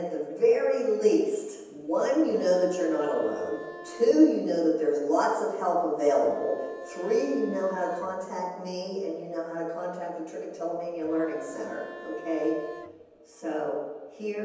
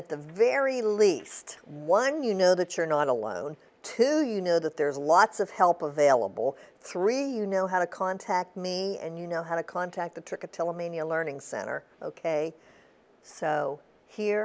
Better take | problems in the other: second | background sound (Bowed string instrument); 19 dB below the speech // room echo; dies away in 1.1 s

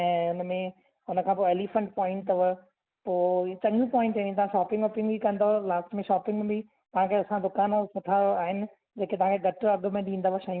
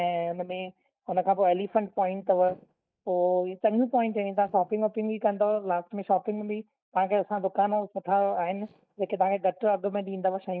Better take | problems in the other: first | noise reduction (neural mask model DeepFilterNet 3)

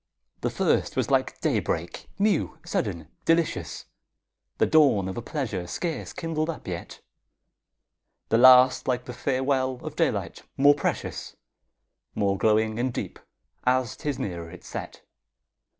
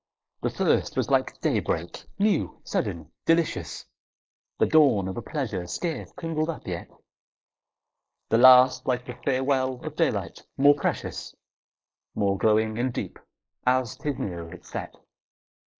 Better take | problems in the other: first | noise reduction (neural mask model Resemble Enhance denoiser)

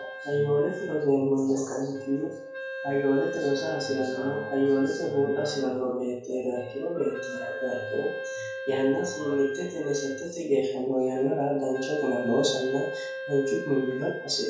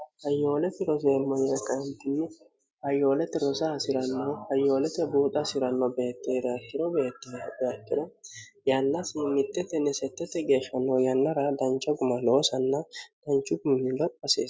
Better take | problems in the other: second | background sound (Wind instrument, woodwind instrument); 10 dB below the speech // room echo; dies away in 0.5 s

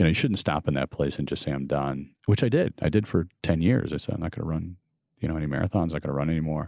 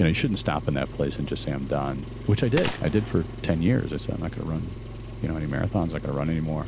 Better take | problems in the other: first | background sound (Engine + Gunshot, gunfire); 9 dB below the speech

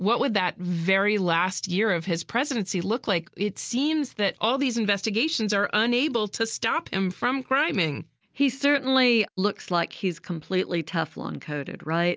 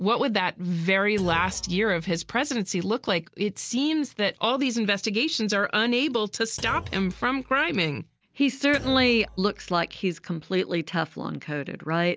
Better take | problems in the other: first | background sound (Thump, thud); 17 dB below the speech

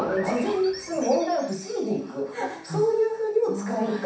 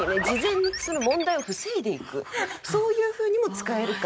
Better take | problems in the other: second | room echo; dies away in 0.7 s

